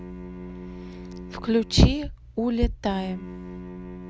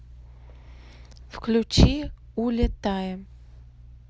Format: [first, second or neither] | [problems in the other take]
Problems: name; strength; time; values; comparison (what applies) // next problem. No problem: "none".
second | background sound (Bowed string instrument); 14 dB below the speech